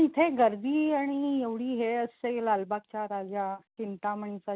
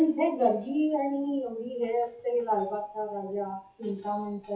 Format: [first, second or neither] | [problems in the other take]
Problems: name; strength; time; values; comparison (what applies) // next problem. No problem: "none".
first | noise reduction (classical method WPE with log-MMSE)